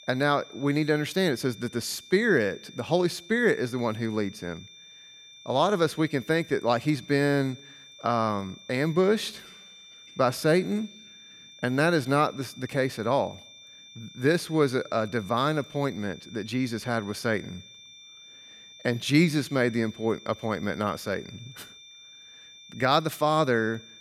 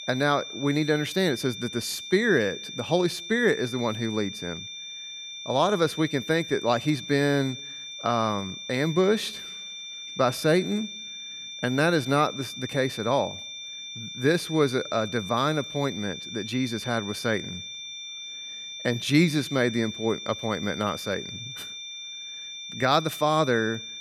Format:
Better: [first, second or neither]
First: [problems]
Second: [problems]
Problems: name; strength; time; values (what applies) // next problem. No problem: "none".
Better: first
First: high-pitched whine; faint; throughout; 3.5 kHz, 20 dB below the speech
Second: high-pitched whine; loud; throughout; 3.5 kHz, 10 dB below the speech